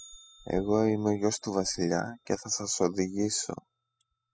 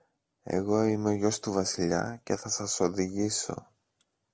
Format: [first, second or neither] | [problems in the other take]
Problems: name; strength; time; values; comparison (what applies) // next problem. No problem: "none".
second | noise reduction (classical method spectral subtraction)